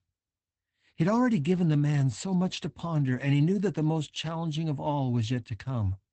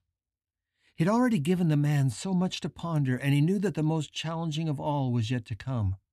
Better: second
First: garbled, watery; badly; nothing above 8 kHz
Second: none

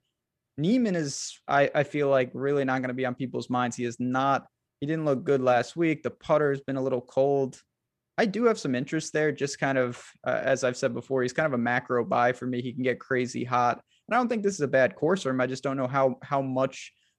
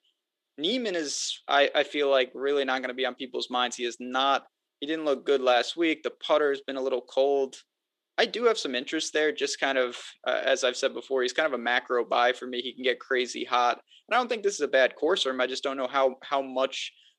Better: first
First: none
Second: thin; somewhat; fading below 350 Hz

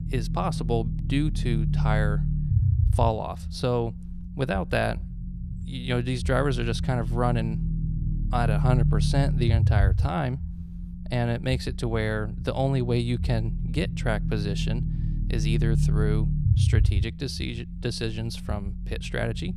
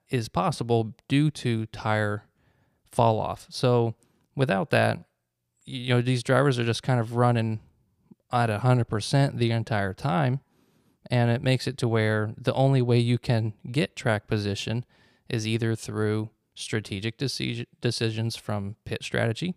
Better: second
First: low rumble; noticeable; throughout; 10 dB below the speech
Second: none

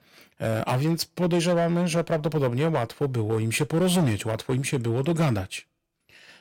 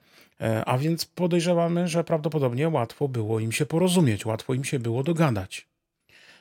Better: second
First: distortion; slight; 8% of the sound clipped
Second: none

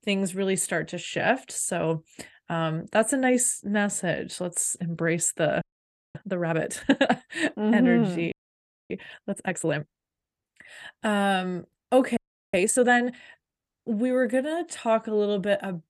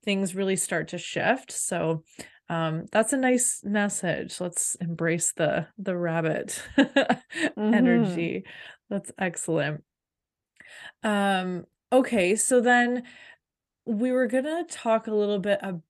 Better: second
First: audio freezing; at 5.5 s for 0.5 s, at 8.5 s for 0.5 s and at 12 s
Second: none

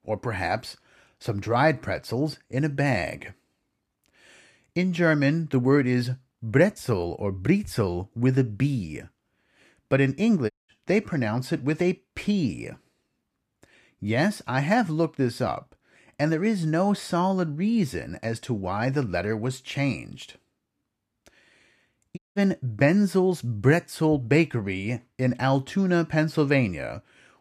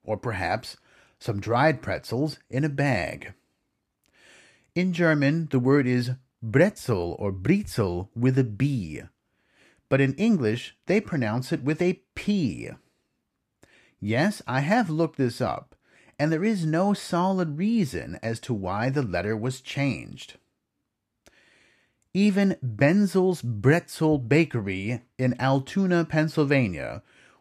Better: second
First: audio cutting out; at 11 s and at 22 s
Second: none

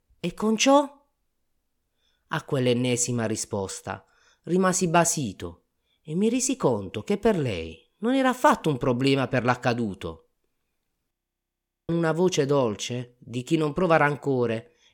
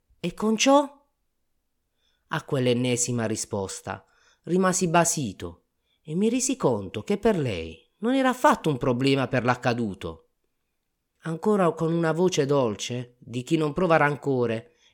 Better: second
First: audio freezing; at 11 s for 1 s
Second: none

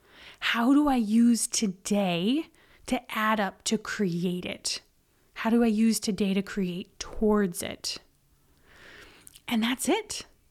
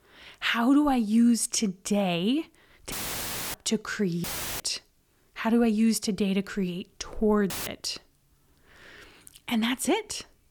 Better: first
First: none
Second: audio cutting out; filled with static; at 3 s for 0.5 s, at 4 s and at 7.5 s

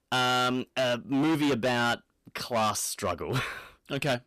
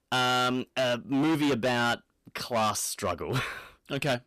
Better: neither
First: distortion; heavy; 17% of the sound clipped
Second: distortion; heavy; 17% of the sound clipped

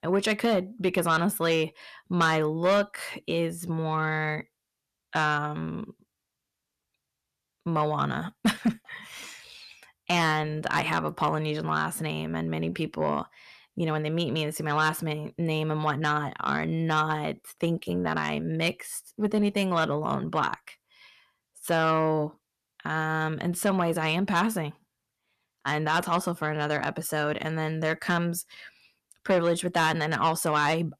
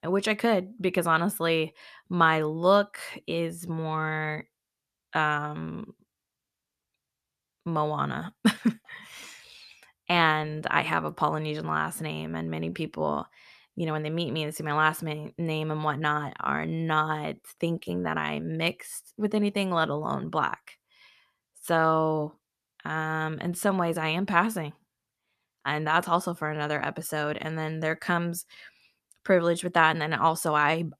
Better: second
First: distortion; slight; 10 dB below the speech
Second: none

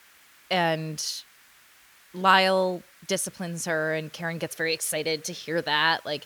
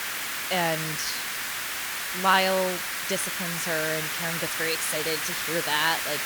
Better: first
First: hiss; faint; throughout; 25 dB below the speech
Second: hiss; loud; throughout; 1 dB below the speech

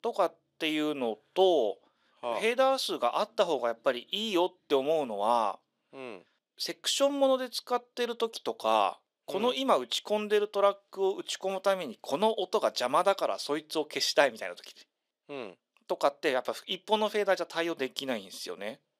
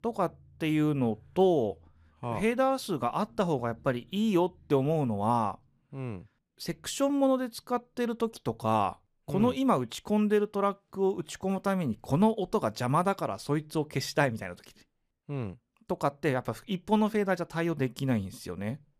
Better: second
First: thin; somewhat; fading below 350 Hz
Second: none

